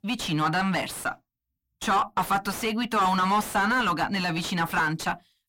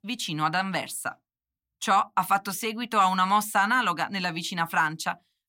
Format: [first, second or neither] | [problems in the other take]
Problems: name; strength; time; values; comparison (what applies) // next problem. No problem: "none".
second | distortion; heavy; 7 dB below the speech